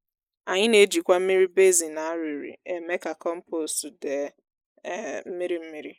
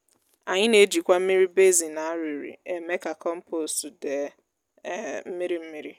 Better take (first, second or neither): second